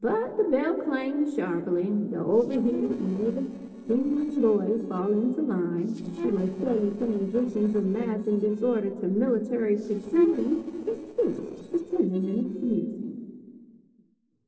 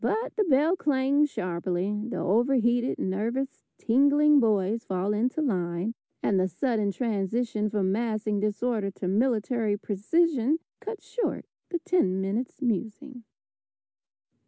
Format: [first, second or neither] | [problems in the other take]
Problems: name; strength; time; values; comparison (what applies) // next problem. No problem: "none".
second | noise reduction (neural separator model SepFormer DNS4)